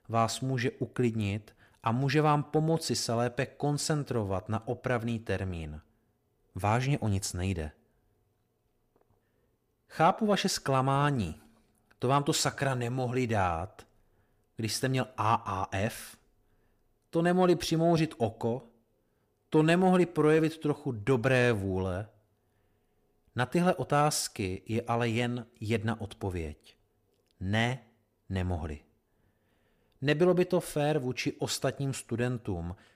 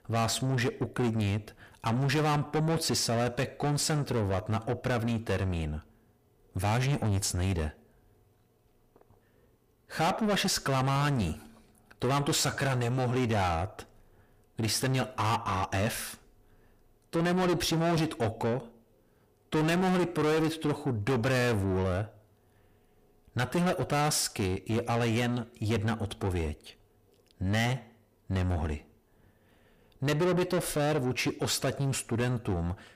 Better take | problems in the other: first | distortion; heavy; 7 dB below the speech

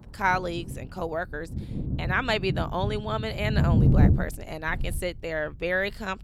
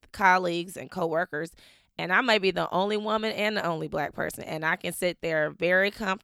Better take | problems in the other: second | wind noise on the microphone; heavy; 8 dB below the speech

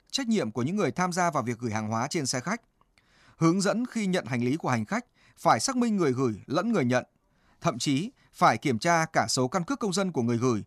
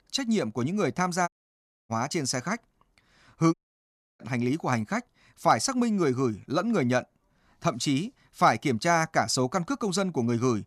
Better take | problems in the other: first | audio cutting out; at 1.5 s for 0.5 s and at 3.5 s for 0.5 s

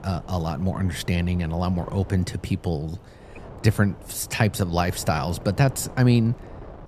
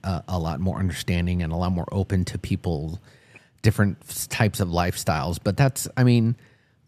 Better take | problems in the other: second | wind noise on the microphone; occasional gusts; 15 dB below the speech

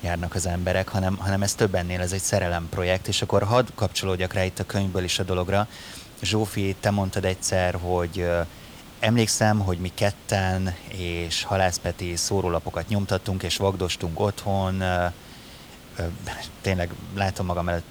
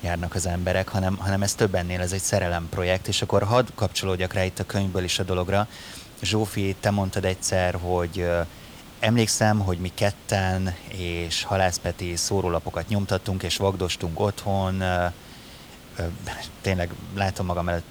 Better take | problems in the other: neither | hiss; noticeable; throughout; 20 dB below the speech; the same in both

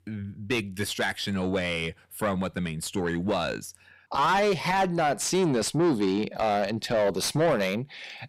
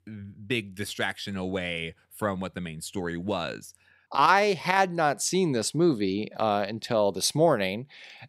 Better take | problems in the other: second | distortion; heavy; 6 dB below the speech

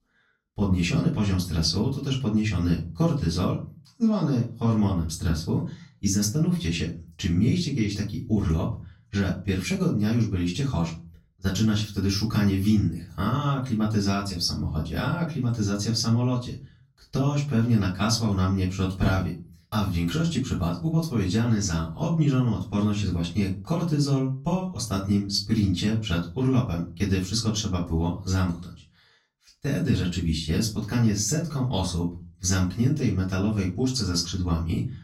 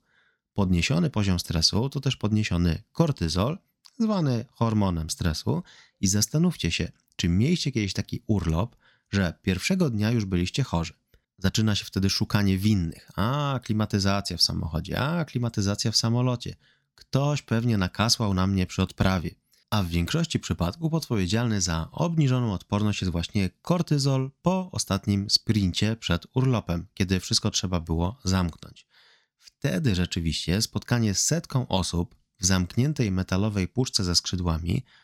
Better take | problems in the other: second | off-mic speech; far // room echo; slight; dies away in 0.3 s

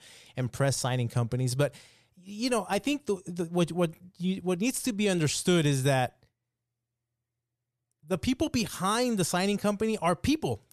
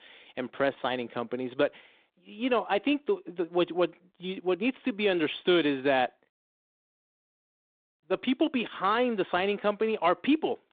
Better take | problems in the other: first | phone-call audio; nothing above 3.5 kHz

